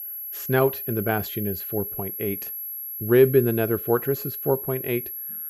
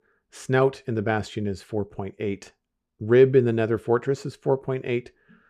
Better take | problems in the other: second | high-pitched whine; loud; throughout; 11.5 kHz, 7 dB below the speech

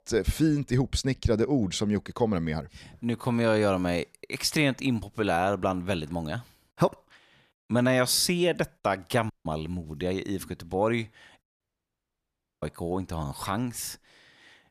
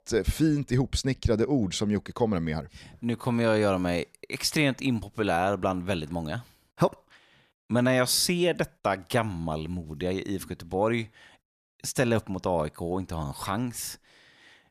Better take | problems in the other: second | audio cutting out; at 9.5 s and at 12 s for 1 s

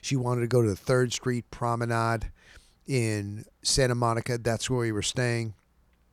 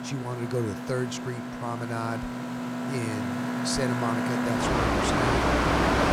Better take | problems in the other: first | machinery noise; very loud; throughout; 4 dB above the speech

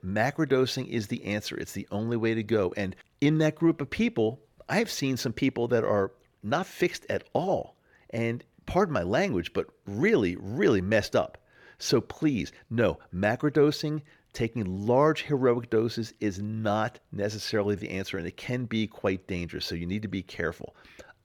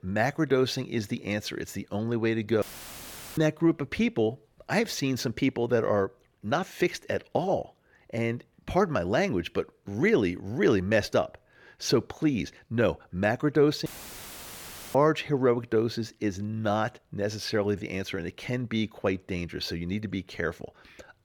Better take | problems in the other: first | audio cutting out; filled with static; at 2.5 s for 1 s and at 14 s for 1 s

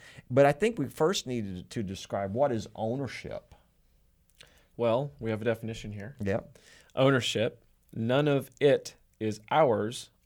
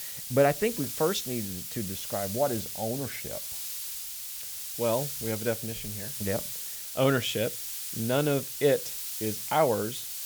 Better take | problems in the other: first | hiss; loud; throughout; 4 dB below the speech

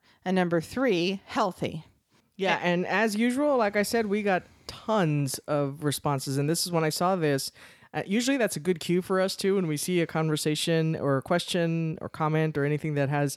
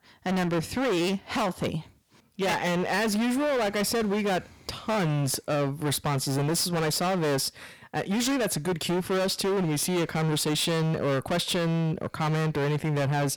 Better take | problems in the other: first | distortion; heavy; 31% of the sound clipped

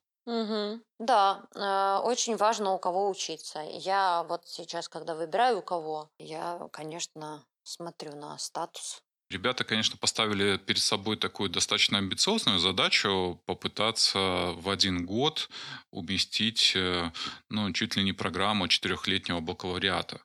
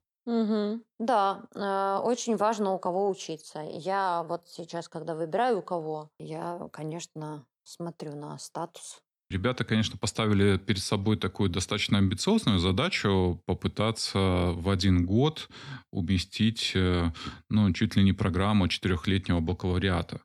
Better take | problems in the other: second | thin; somewhat; fading below 550 Hz

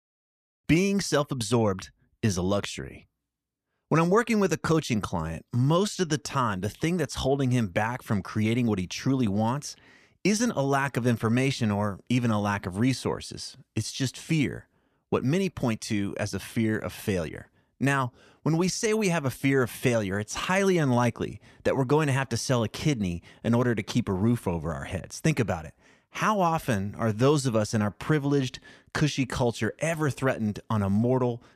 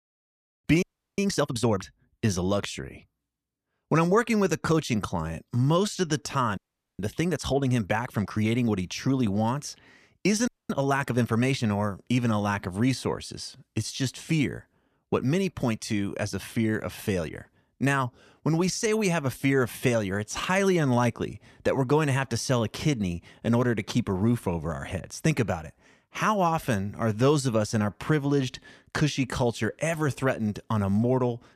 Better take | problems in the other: first | audio freezing; at 1 s, at 6.5 s and at 10 s

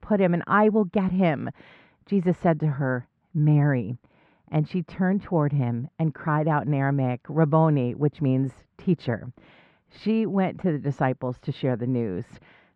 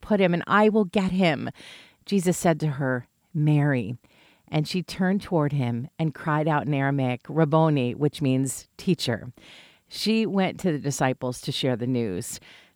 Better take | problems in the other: second | muffled; very; fading above 1.5 kHz

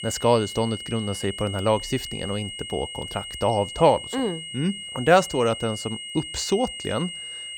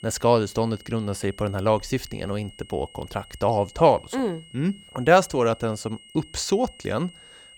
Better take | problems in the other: second | high-pitched whine; loud; throughout; 3 kHz, 9 dB below the speech; faint in the second

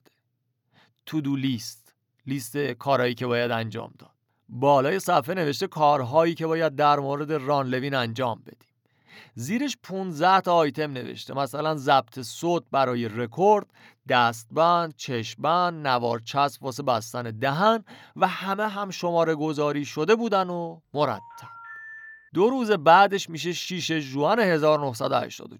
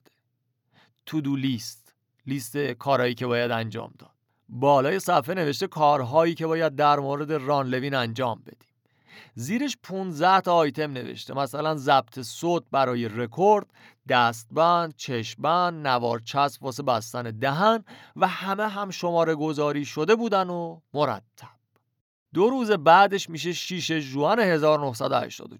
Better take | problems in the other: second | phone ringing; faint; from 21 to 22 s; peak 15 dB below the speech

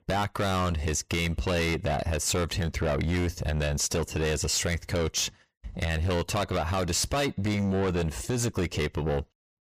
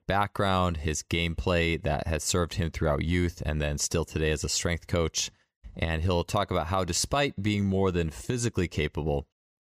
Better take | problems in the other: second | distortion; heavy; 7 dB below the speech

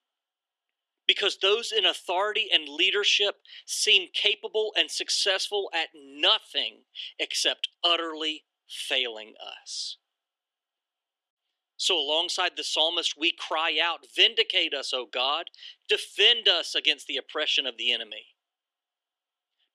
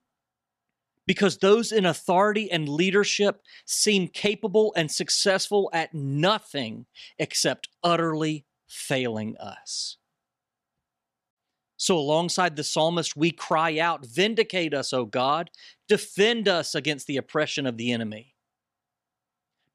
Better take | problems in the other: second | thin; very; fading below 350 Hz

